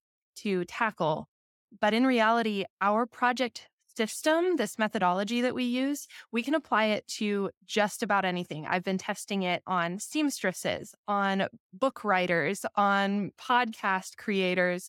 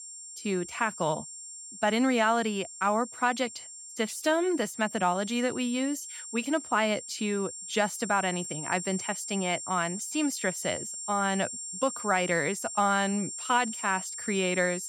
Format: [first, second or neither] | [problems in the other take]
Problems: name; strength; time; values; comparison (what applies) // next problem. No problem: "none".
first | high-pitched whine; loud; throughout; 7.5 kHz, 8 dB below the speech